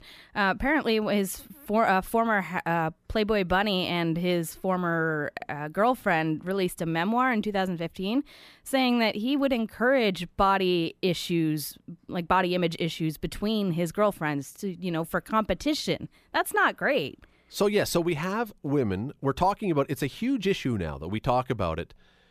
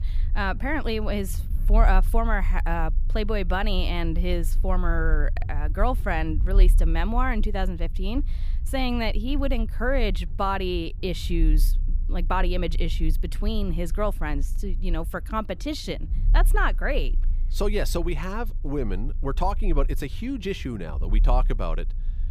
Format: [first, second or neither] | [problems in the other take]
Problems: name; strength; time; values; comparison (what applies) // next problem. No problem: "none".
first | low rumble; faint; throughout; 20 dB below the speech